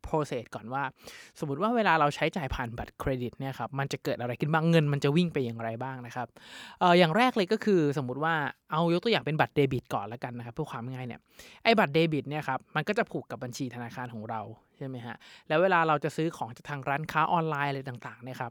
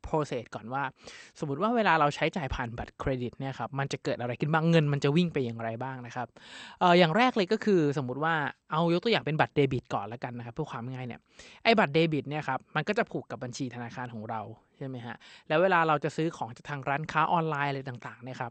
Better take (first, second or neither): first